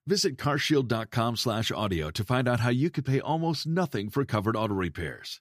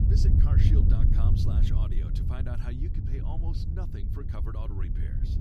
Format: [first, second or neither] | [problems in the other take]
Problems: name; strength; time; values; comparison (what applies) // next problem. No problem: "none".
first | wind noise on the microphone; heavy; 3 dB above the speech